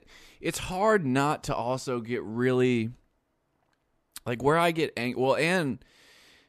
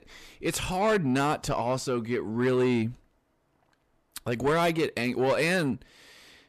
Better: first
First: none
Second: distortion; slight; 10 dB below the speech

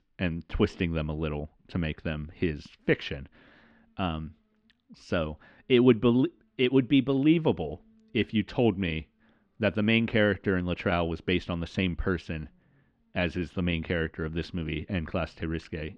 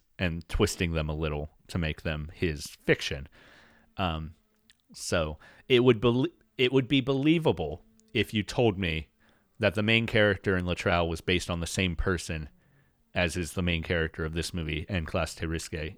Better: second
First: muffled; slightly; fading above 3.5 kHz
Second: none

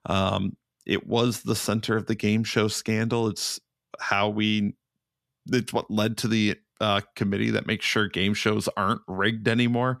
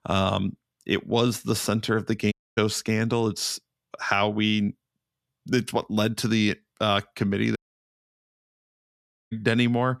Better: first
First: none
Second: audio cutting out; at 2.5 s and at 7.5 s for 2 s

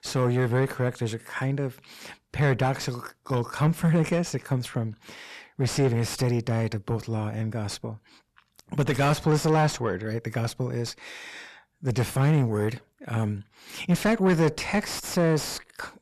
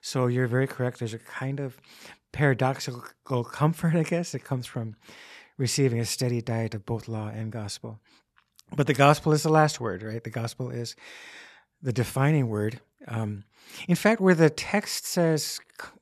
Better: second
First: distortion; heavy; 7 dB below the speech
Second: none

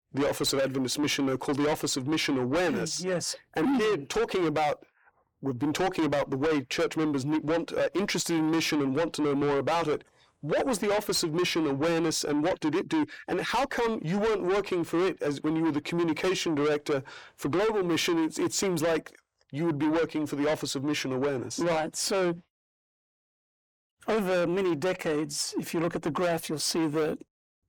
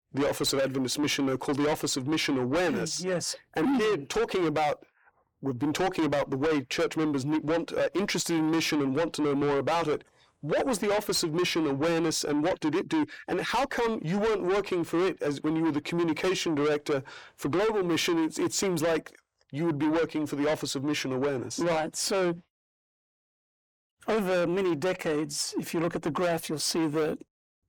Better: neither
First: distortion; heavy; 6 dB below the speech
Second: distortion; heavy; 6 dB below the speech

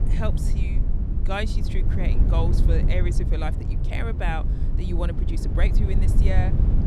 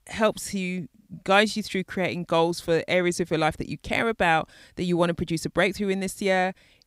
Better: second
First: low rumble; loud; throughout; 5 dB below the speech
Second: none

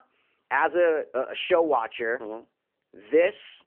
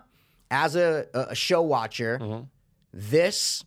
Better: second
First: phone-call audio; nothing above 3 kHz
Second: none

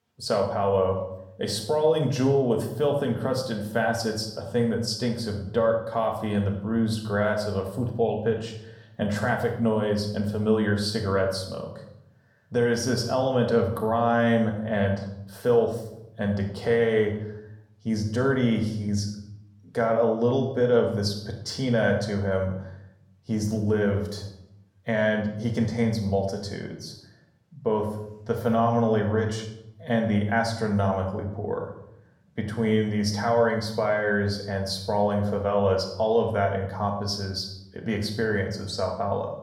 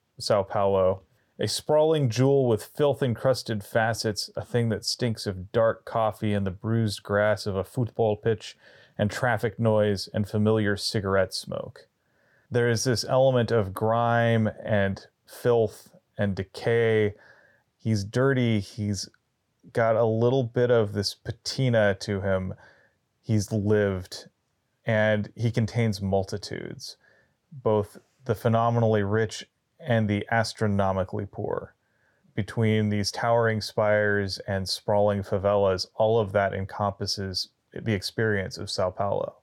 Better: second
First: room echo; slight; dies away in 0.6 s // off-mic speech; somewhat distant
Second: none

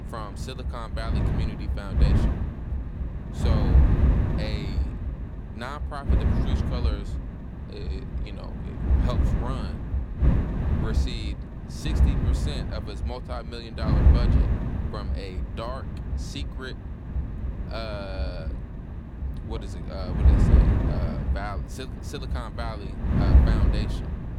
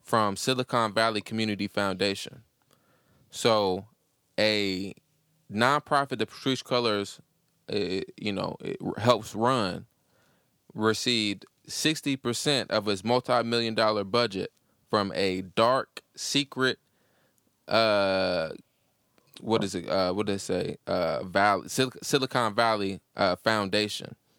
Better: second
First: wind noise on the microphone; heavy; as loud as the speech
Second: none

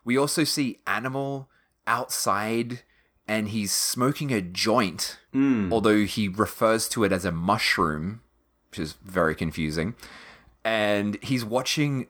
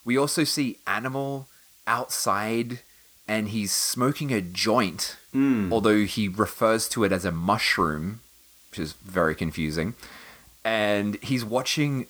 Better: first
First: none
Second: hiss; faint; throughout; 25 dB below the speech

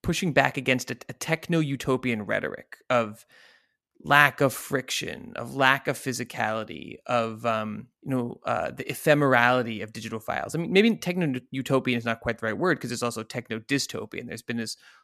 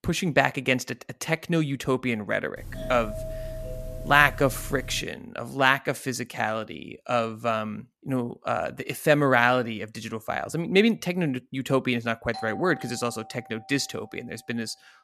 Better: first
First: none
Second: doorbell; noticeable; from 2.5 to 5 s; peak 10 dB below the speech // doorbell; faint; from 12 to 14 s; peak 15 dB below the speech

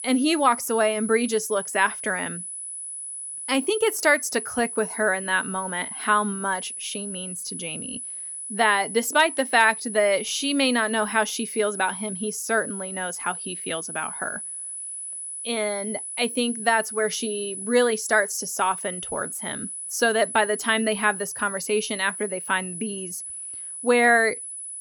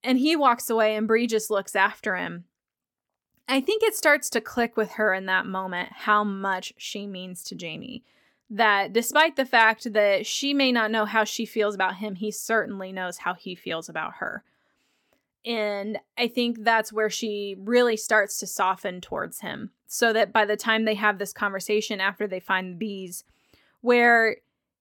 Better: second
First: high-pitched whine; loud; throughout; 10 kHz, 8 dB below the speech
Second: none

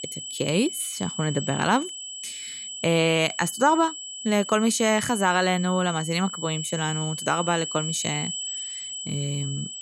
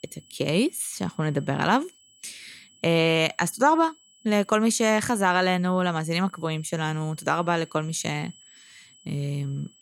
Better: second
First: high-pitched whine; loud; throughout; 3 kHz, 7 dB below the speech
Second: high-pitched whine; faint; throughout; 3 kHz, 30 dB below the speech

